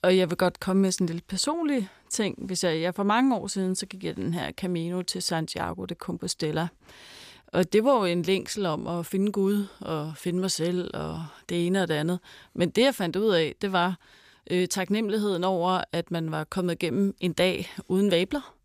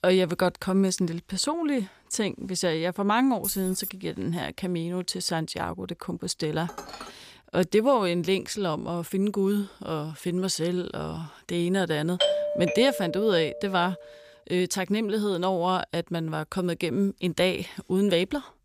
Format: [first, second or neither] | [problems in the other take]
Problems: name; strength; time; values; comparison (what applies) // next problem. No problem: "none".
first | jangling keys; noticeable; at 3.5 s; peak 5 dB below the speech // clattering dishes; faint; at 6.5 s; peak 15 dB below the speech // doorbell; loud; from 12 to 14 s; peak 2 dB above the speech